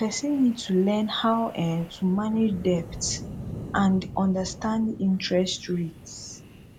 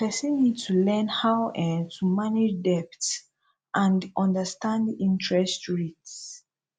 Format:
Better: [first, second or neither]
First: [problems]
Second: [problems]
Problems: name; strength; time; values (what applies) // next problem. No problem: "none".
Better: second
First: background sound (Wind); 14 dB below the speech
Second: none